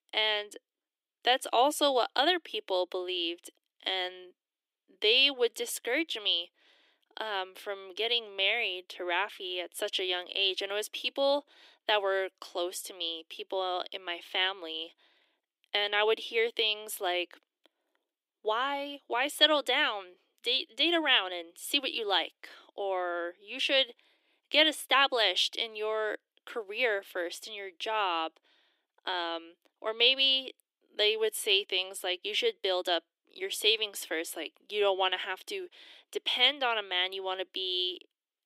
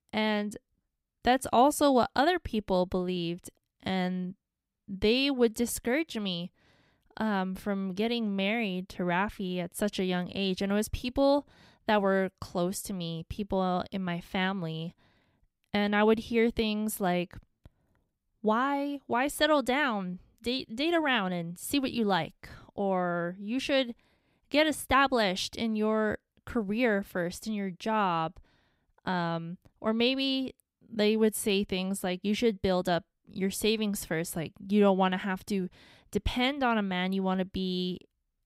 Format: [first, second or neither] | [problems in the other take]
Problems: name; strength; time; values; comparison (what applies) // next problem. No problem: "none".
second | thin; very; fading below 300 Hz